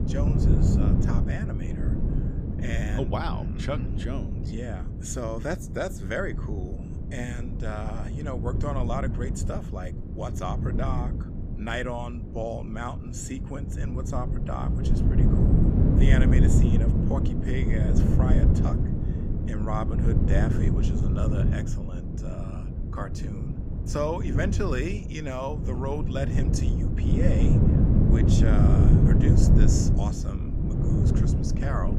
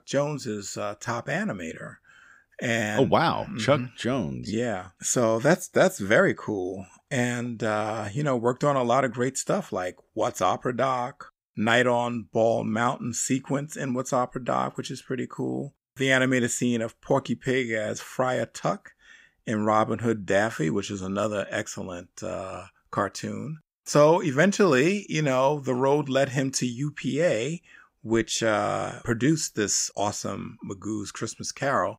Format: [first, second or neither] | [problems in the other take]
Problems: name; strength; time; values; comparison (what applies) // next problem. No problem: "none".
second | wind noise on the microphone; heavy; as loud as the speech